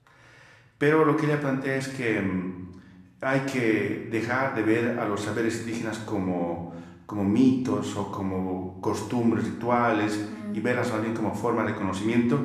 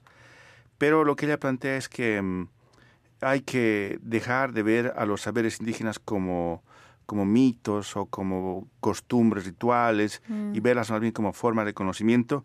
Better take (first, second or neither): second